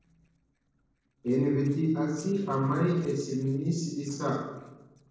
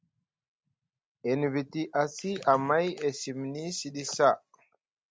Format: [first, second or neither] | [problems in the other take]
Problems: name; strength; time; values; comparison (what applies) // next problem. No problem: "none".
second | noise reduction (neural separator model SepFormer DNS4)